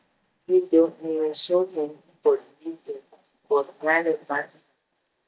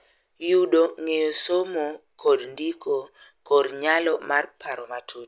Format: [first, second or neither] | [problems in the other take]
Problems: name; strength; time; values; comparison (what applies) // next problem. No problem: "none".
second | noise reduction (neural mask model DeepFilterNet 3)